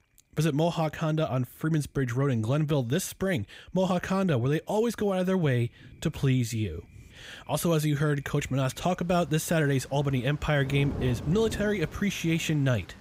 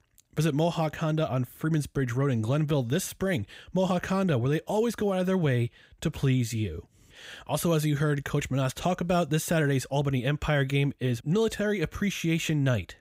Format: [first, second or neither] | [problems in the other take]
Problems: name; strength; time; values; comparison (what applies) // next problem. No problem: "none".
second | rain or running water; noticeable; throughout; 15 dB below the speech